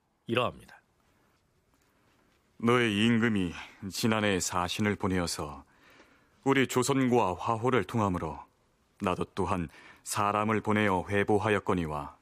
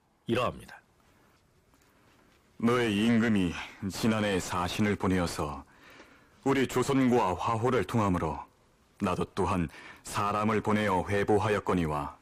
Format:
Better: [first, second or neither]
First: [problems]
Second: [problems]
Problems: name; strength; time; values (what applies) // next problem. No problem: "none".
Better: first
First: none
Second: distortion; heavy; 7 dB below the speech